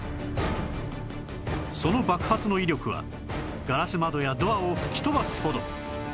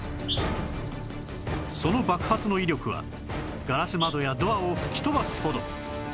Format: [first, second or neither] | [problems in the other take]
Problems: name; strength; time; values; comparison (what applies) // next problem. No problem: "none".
first | background sound (Insect); 15 dB below the speech